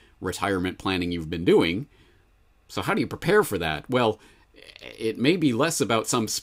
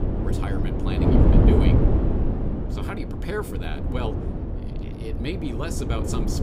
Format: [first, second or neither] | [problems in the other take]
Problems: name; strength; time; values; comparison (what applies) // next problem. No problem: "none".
first | wind noise on the microphone; heavy; 3 dB above the speech